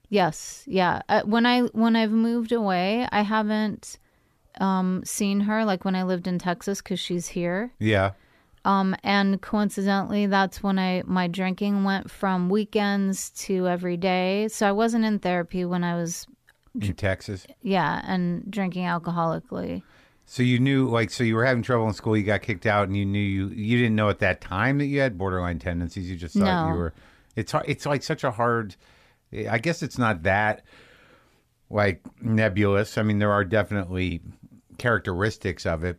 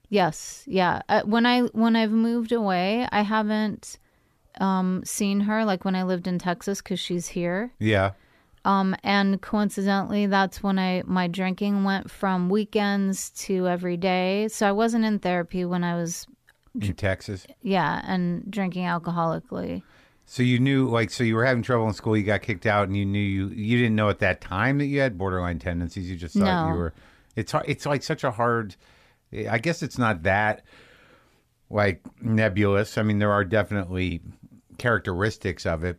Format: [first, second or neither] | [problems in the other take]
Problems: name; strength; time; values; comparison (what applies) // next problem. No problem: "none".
neither | none